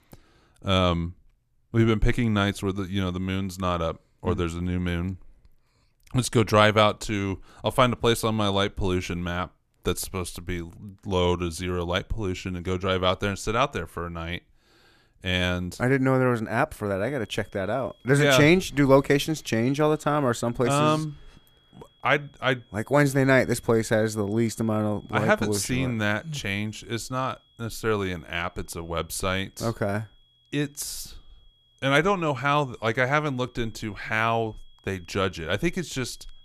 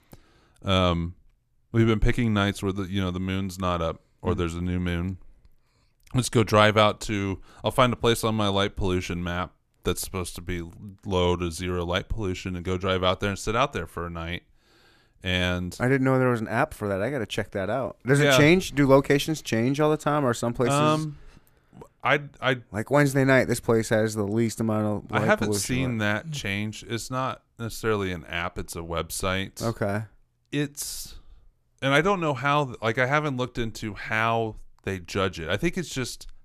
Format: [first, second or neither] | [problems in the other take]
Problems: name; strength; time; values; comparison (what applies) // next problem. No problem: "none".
second | high-pitched whine; faint; from 17 s on; 3.5 kHz, 35 dB below the speech